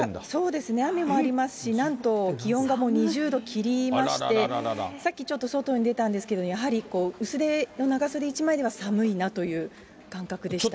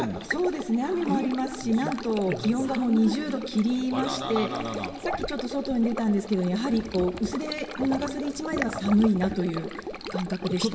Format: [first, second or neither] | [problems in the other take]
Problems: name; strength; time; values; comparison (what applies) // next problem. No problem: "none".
first | background sound (Stream); 9 dB below the speech // room echo; dies away in 1.3 s